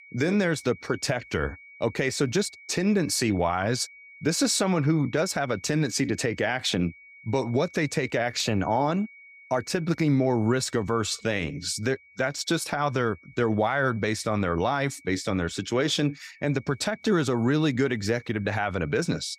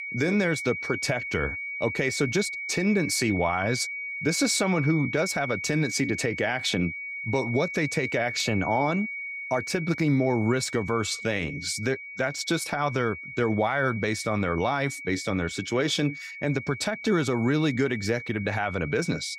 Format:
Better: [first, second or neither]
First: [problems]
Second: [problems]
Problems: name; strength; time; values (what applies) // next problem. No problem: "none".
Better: first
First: high-pitched whine; faint; throughout; 2 kHz, 25 dB below the speech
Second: high-pitched whine; loud; throughout; 2 kHz, 7 dB below the speech